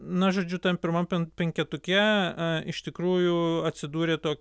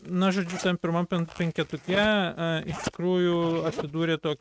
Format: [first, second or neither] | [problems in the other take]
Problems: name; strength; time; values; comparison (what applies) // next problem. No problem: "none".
first | noise reduction (neural mask model RNNoise)